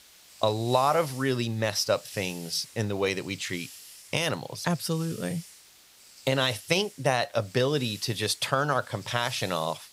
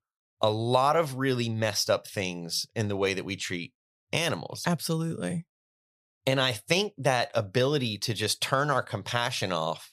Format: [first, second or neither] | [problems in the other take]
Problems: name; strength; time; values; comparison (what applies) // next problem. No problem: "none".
second | hiss; noticeable; throughout; 20 dB below the speech